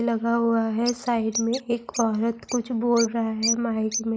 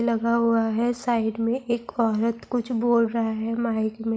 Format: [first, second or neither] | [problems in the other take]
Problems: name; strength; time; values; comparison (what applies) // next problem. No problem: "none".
second | noise reduction (neural mask model Resemble Enhance denoiser)